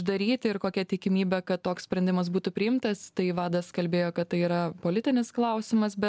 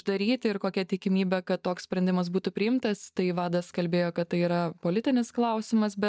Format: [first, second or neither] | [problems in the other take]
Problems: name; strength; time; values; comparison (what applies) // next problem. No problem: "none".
first | noise reduction (neural mask model DeepFilterNet 3)